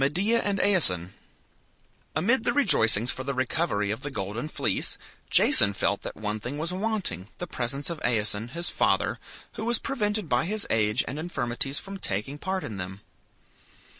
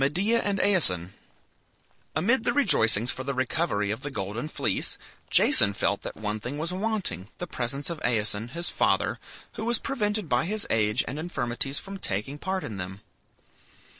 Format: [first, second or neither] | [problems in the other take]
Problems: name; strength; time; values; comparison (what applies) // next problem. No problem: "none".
first | noise reduction (neural separator model SepFormer DNS4)